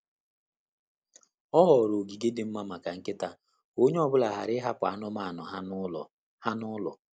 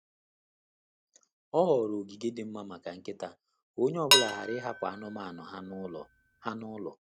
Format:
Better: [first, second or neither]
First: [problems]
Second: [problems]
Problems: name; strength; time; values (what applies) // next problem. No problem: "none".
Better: first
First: none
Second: background sound (Dishes, pots, and pans); 2 dB above the speech